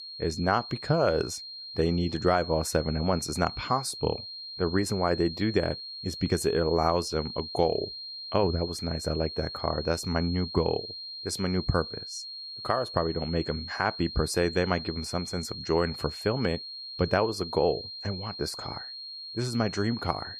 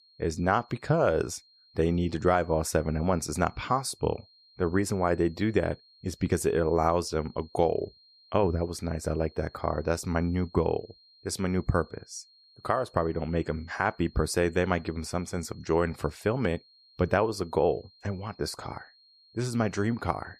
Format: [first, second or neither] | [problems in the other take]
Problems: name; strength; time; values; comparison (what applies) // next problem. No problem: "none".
second | high-pitched whine; loud; throughout; 4.5 kHz, 8 dB below the speech; faint in the second